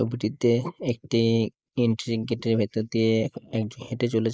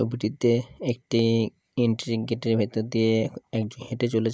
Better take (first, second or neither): second